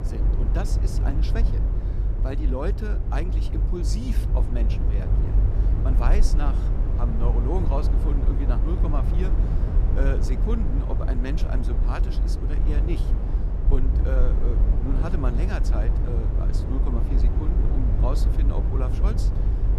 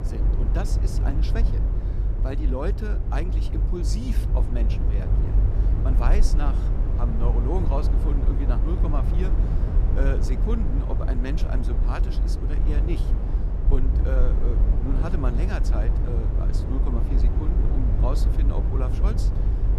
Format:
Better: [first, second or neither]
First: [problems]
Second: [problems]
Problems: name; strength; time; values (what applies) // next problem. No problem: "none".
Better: neither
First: low rumble; loud; throughout; 3 dB below the speech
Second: low rumble; loud; throughout; 3 dB below the speech